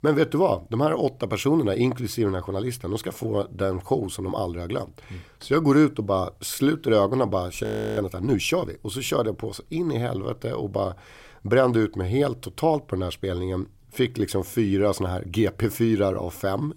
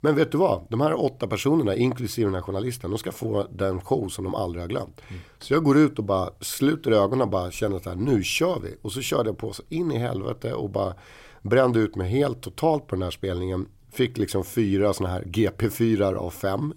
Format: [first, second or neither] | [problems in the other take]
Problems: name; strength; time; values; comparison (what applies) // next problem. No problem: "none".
second | audio freezing; at 7.5 s